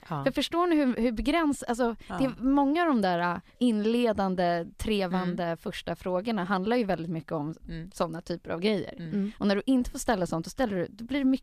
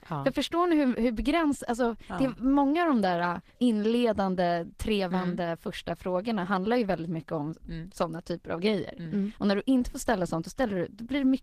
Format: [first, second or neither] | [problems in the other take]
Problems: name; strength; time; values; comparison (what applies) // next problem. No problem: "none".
first | garbled, watery; slightly; nothing above 14.5 kHz